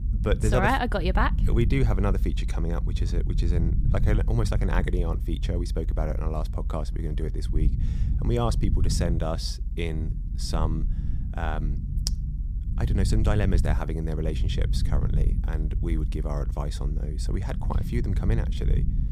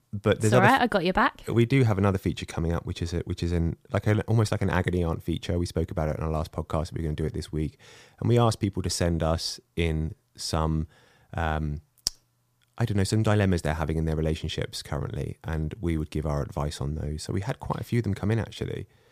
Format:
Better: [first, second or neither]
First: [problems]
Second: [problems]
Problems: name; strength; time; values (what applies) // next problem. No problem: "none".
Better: second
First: low rumble; noticeable; throughout; 10 dB below the speech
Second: none